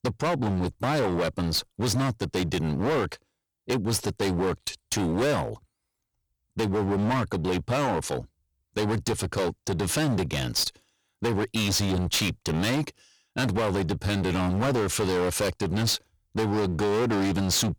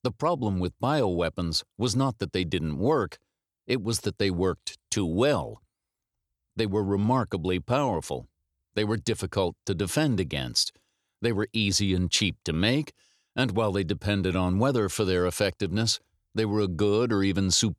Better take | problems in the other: second | distortion; heavy; 24% of the sound clipped

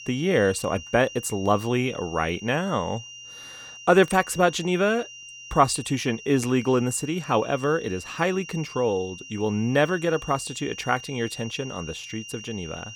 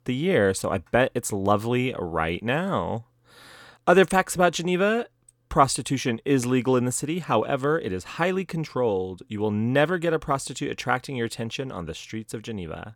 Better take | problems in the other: second | high-pitched whine; noticeable; throughout; 3 kHz, 15 dB below the speech

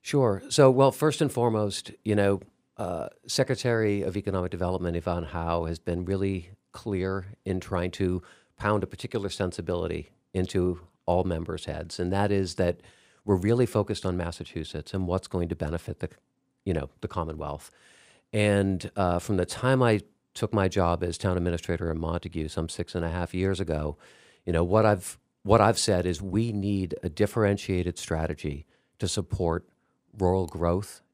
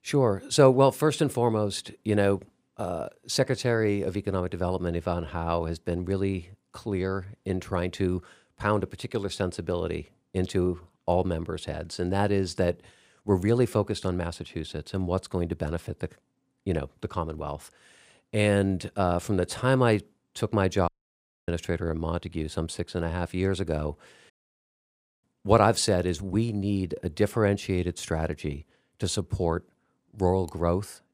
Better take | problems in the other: first | audio cutting out; at 21 s for 0.5 s and at 24 s for 1 s

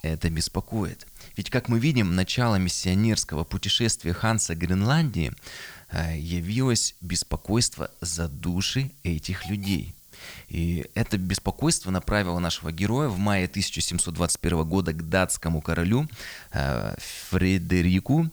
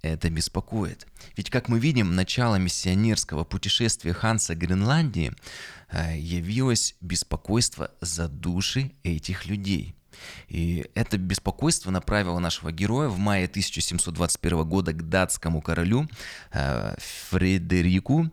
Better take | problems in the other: second | hiss; faint; throughout; 20 dB below the speech

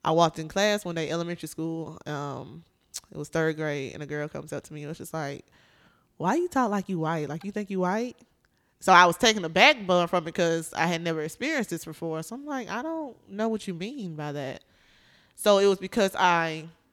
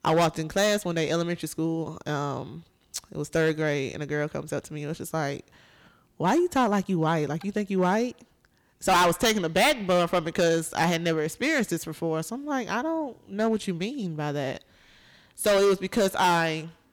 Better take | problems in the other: first | distortion; heavy; 6% of the sound clipped

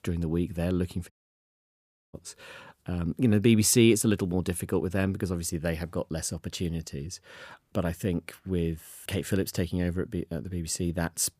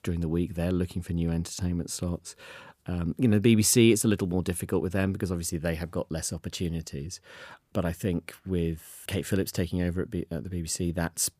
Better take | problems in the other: second | audio cutting out; at 1 s for 1 s

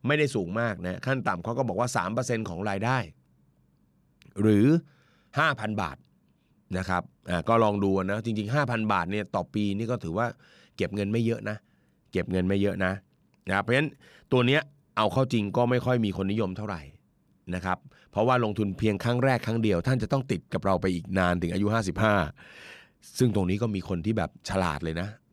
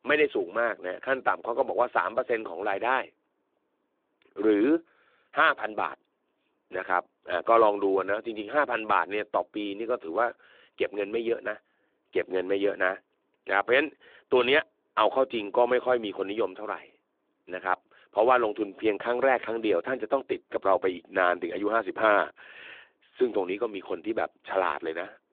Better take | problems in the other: first | phone-call audio

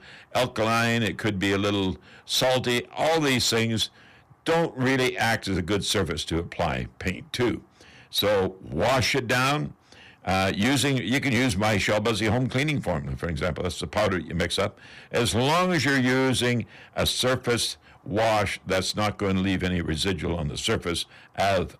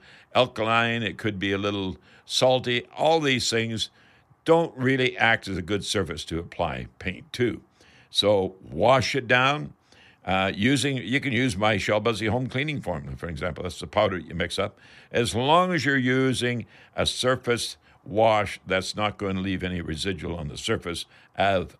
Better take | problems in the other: second | distortion; heavy; 15% of the sound clipped

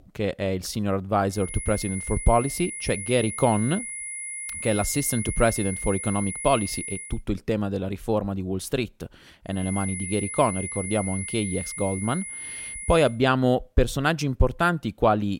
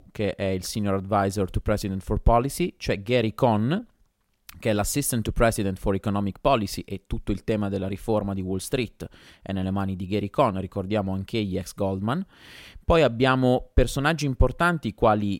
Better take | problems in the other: second | high-pitched whine; loud; from 1.5 to 7 s and from 9.5 to 13 s; 10 kHz, 7 dB below the speech

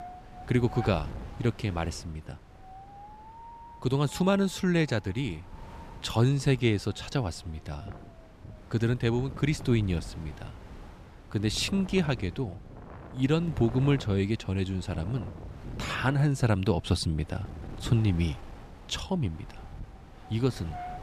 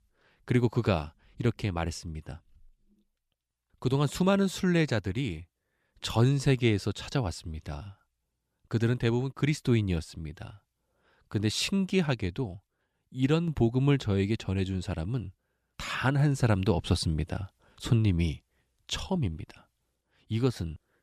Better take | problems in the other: second | wind noise on the microphone; occasional gusts; 15 dB below the speech

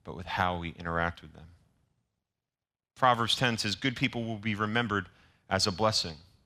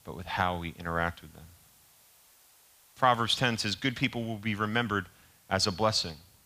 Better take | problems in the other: first | hiss; faint; throughout; 30 dB below the speech

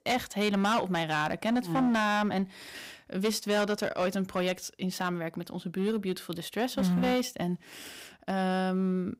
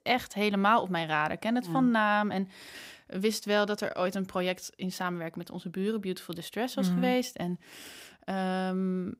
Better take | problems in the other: second | distortion; slight; 8% of the sound clipped

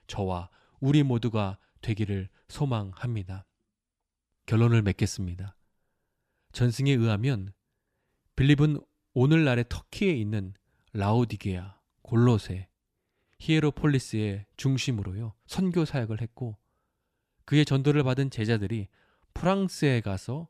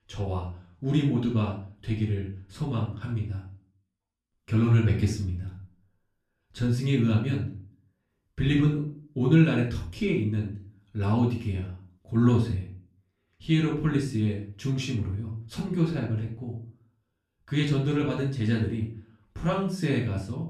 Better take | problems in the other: first | room echo; noticeable; dies away in 0.4 s // off-mic speech; far

